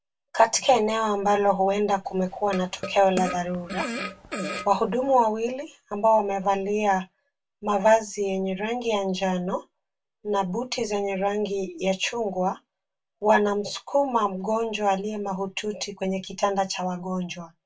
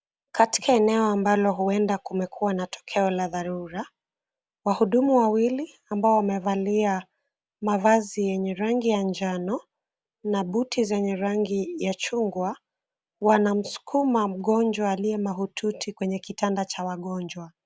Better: second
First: background sound (Fart); 10 dB below the speech // room echo; dies away in 0.1 s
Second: none

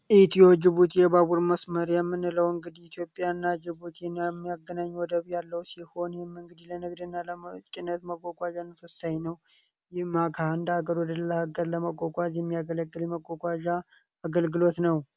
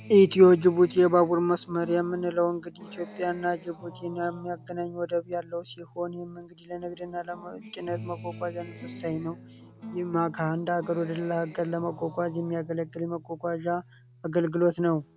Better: first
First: none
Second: background sound (Acoustic guitar); 19 dB below the speech

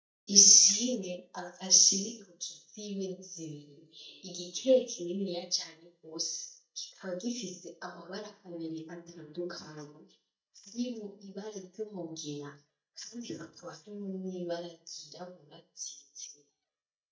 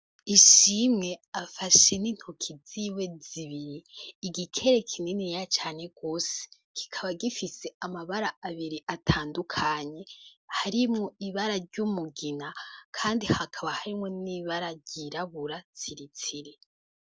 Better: second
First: noise reduction (neural mask model DeepFilterNet 3)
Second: none

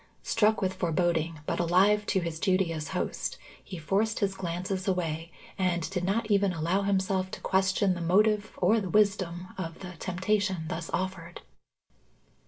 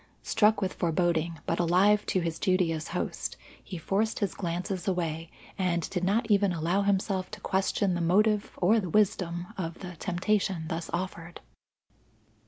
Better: second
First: room echo; dies away in 0.2 s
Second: none

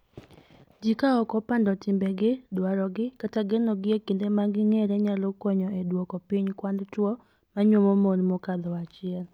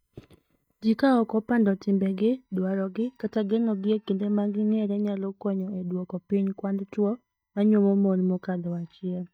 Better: first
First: none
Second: noise reduction (neural mask model DeepFilterNet 3)

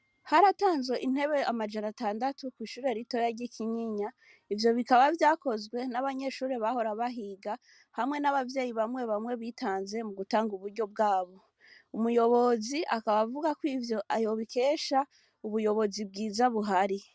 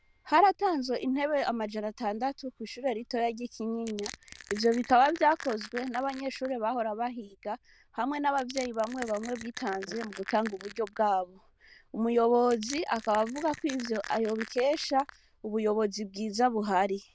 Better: first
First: none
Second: noise reduction (neural diffusion model UNIVERSE++)

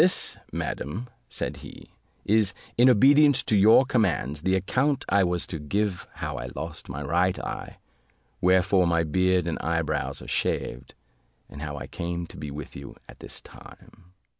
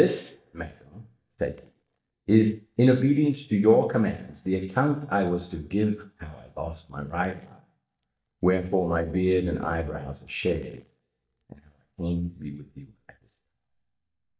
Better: first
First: none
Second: noise reduction (neural mask model DeepFilterNet 3)

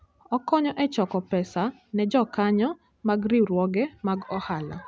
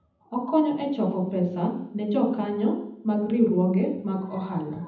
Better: first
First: none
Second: room echo; dies away in 0.8 s

